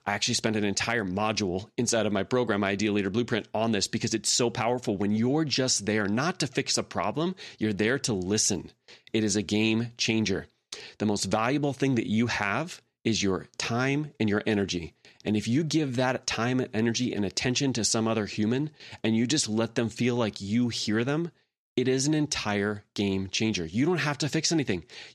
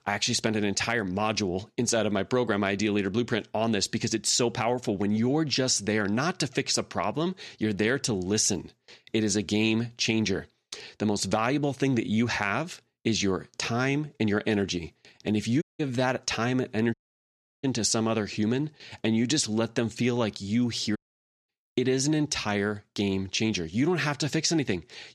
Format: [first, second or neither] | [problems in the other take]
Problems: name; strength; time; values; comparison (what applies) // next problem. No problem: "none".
first | audio cutting out; at 16 s, at 17 s for 0.5 s and at 21 s for 0.5 s